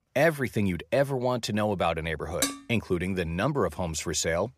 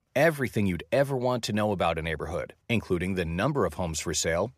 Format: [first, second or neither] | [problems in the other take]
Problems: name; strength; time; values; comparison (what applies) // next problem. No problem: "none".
second | clattering dishes; noticeable; at 2.5 s; peak 2 dB below the speech